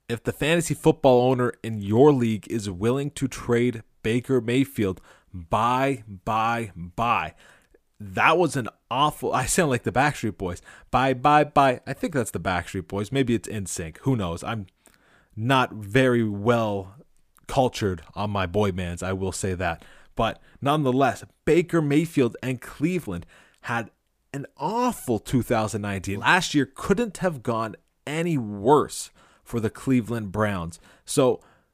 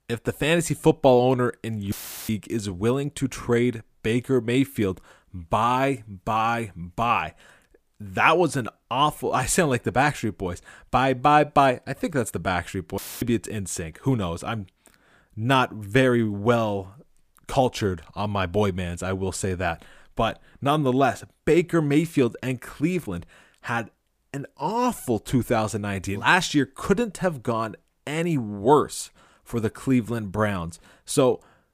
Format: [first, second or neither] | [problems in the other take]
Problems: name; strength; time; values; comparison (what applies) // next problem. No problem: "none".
first | audio cutting out; filled with static; at 2 s and at 13 s